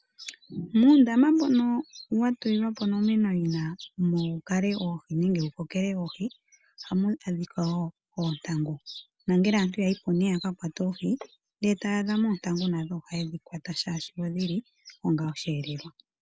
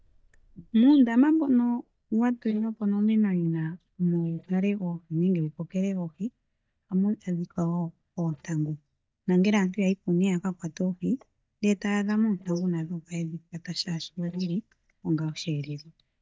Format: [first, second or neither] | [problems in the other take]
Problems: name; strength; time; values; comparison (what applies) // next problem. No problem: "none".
first | noise reduction (neural mask model DeepFilterNet 3)